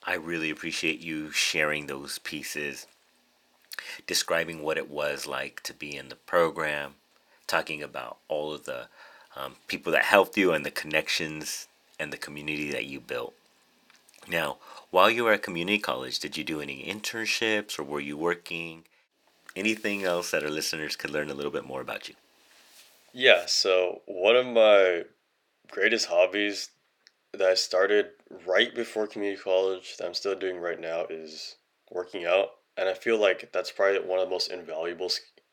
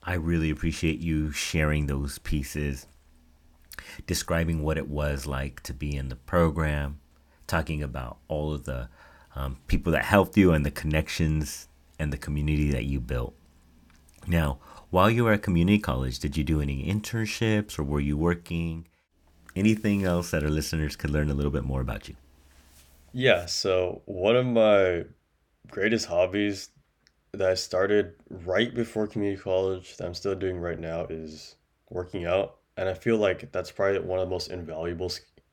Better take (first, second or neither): second